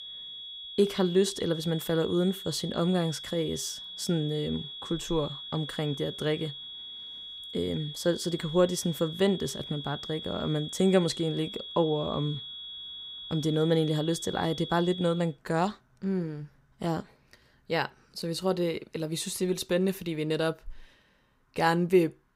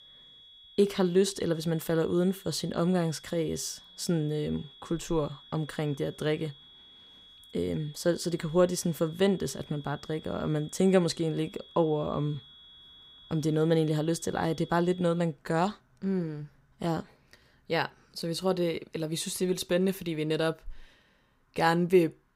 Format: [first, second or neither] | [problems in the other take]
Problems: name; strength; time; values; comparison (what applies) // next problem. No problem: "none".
second | high-pitched whine; loud; until 15 s; 3.5 kHz, 9 dB below the speech; faint in the second